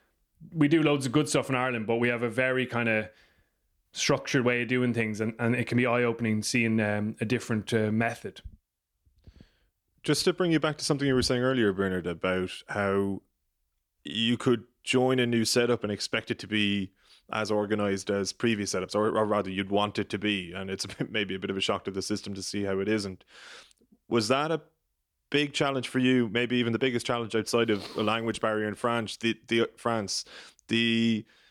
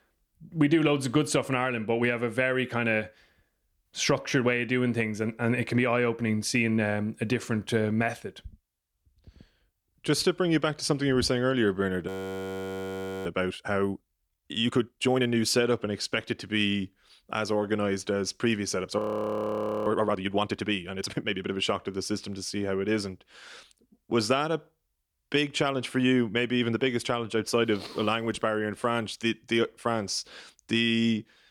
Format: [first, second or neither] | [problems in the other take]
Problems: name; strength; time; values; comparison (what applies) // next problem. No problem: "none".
first | audio freezing; at 12 s for 1 s and at 19 s for 1 s